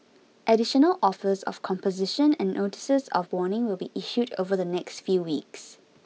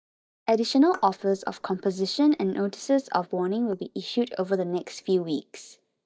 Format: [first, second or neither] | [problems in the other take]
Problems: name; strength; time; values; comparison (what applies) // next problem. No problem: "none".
first | noise reduction (neural mask model DeepFilterNet 3)